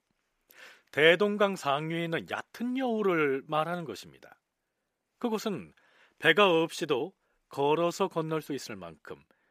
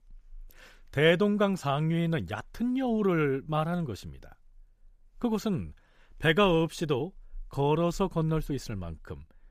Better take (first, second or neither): second